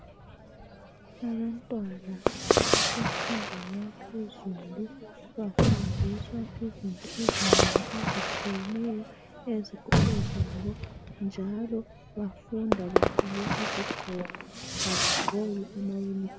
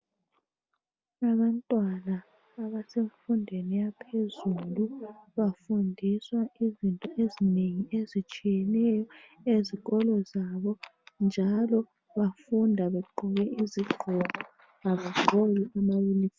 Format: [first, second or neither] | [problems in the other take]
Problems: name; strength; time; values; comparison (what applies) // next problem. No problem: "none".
second | background sound (Fireworks + Fireworks); 5 dB above the speech